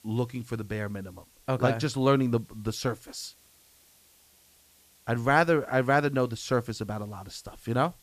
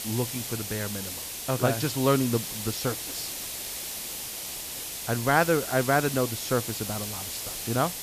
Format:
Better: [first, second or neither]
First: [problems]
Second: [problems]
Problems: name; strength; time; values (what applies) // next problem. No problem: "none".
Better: first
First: hiss; faint; throughout; 30 dB below the speech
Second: hiss; loud; throughout; 5 dB below the speech